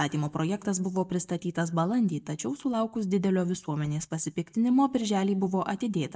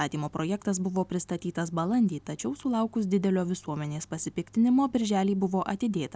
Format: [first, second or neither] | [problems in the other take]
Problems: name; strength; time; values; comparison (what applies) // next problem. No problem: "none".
second | noise reduction (neural mask model DeepFilterNet 3)